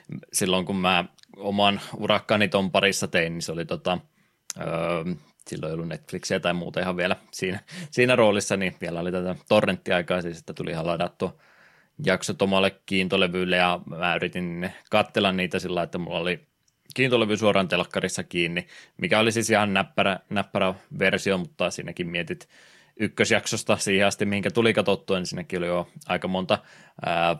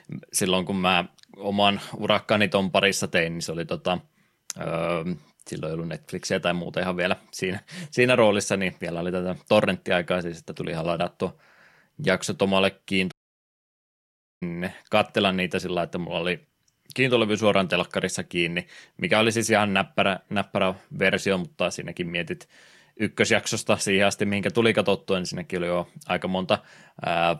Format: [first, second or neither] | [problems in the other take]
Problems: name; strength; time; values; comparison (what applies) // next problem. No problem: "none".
first | audio cutting out; at 13 s for 1.5 s